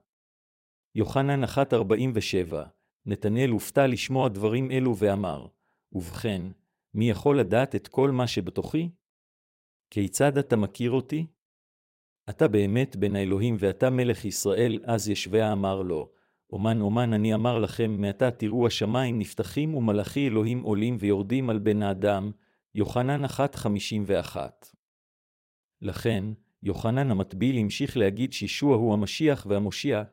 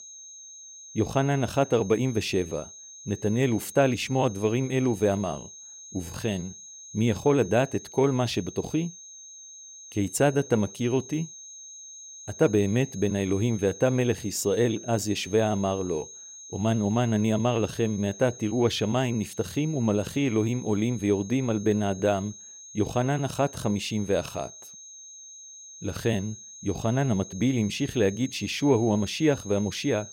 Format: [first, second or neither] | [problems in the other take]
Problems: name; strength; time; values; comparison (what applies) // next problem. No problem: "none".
first | high-pitched whine; noticeable; throughout; 6.5 kHz, 15 dB below the speech